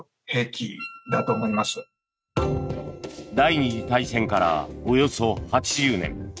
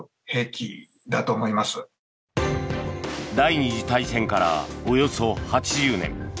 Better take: second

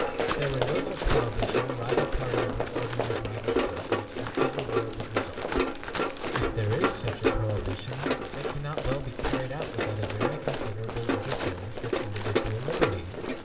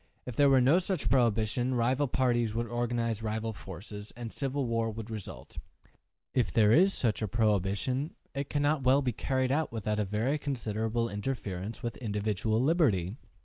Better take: second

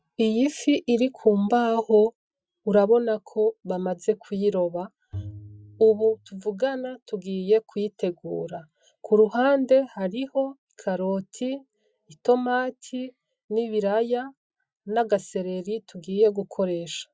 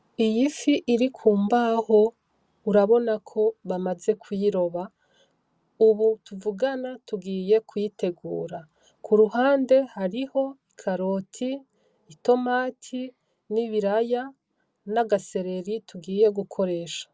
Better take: second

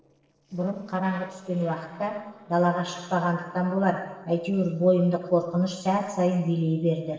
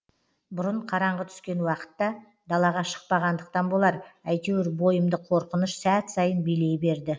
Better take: second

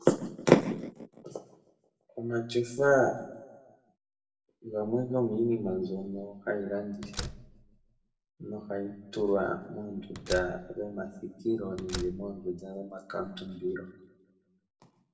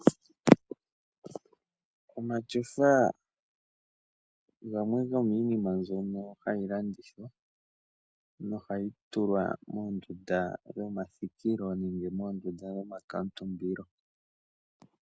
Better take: second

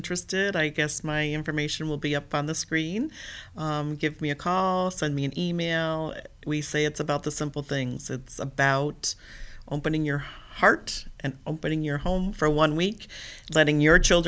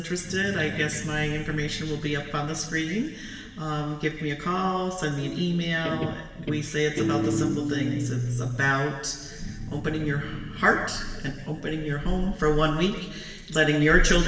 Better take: first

